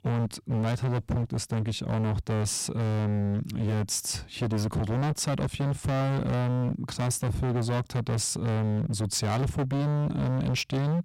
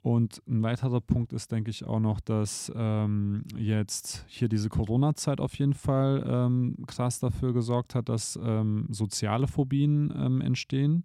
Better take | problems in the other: second | distortion; heavy; 33% of the sound clipped

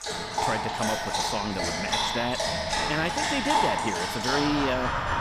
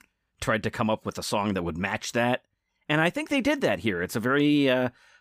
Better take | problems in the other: second | animal sounds; very loud; throughout; 3 dB above the speech

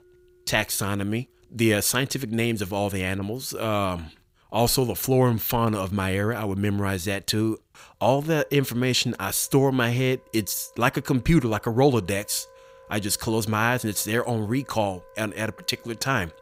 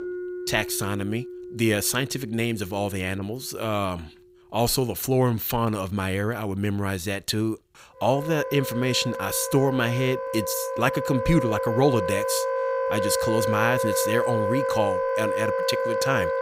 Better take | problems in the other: first | background music; loud; throughout; 2 dB below the speech; faint in the first

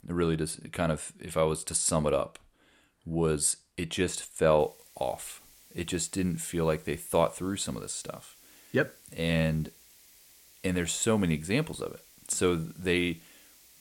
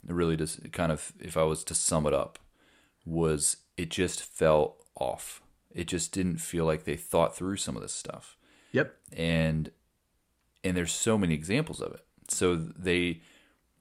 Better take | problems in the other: second | hiss; faint; from 4.5 s on; 25 dB below the speech

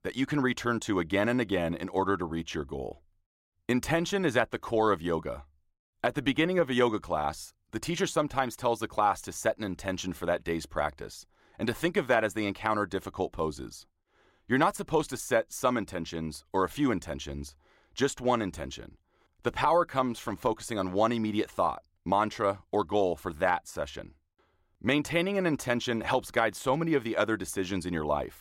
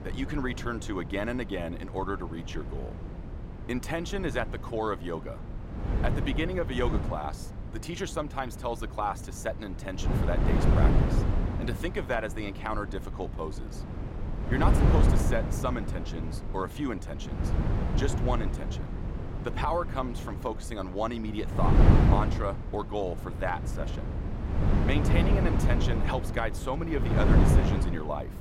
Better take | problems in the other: first | wind noise on the microphone; heavy; 4 dB below the speech

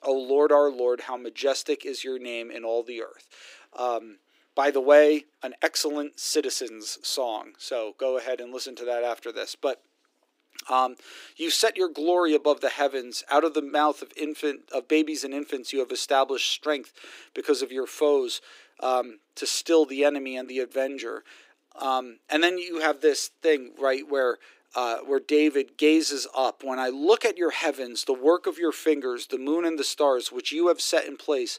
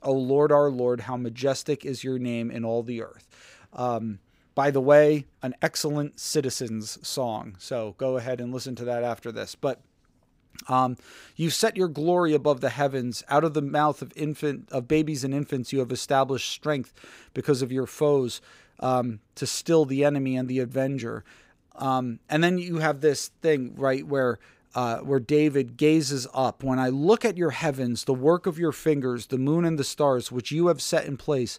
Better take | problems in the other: second | thin; somewhat; fading below 300 Hz

